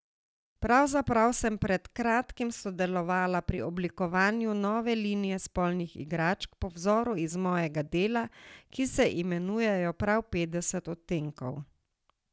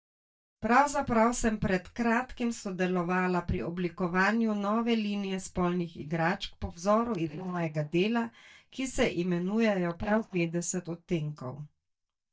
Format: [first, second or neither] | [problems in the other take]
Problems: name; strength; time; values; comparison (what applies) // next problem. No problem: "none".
first | noise reduction (neural mask model DeepFilterNet 3)